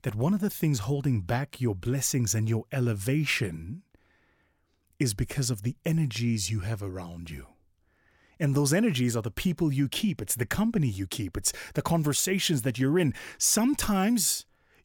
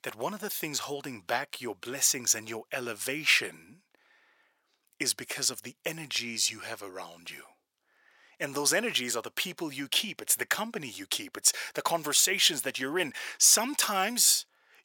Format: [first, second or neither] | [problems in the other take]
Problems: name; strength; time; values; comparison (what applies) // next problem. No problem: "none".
first | thin; very; fading below 600 Hz